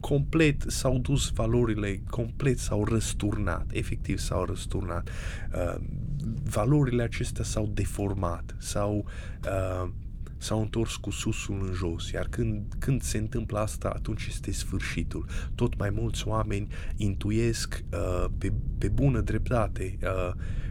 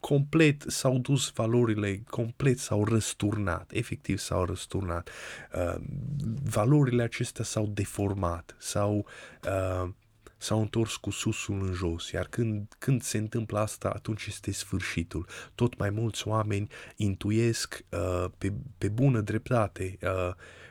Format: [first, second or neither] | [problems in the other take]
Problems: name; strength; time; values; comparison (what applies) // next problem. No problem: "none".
second | low rumble; noticeable; throughout; 20 dB below the speech